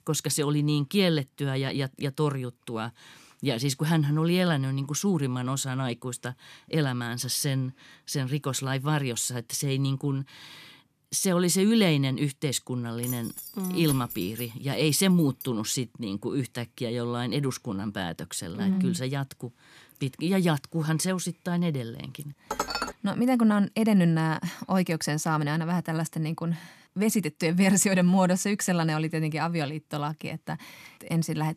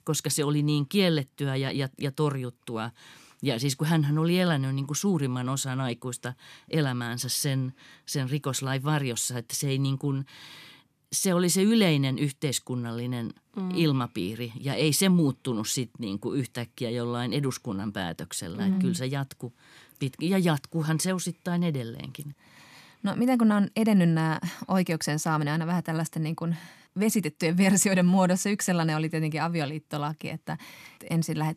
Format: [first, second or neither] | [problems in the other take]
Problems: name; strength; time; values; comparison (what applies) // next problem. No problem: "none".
second | jangling keys; noticeable; from 13 to 15 s; peak 8 dB below the speech // clattering dishes; noticeable; at 23 s; peak 3 dB below the speech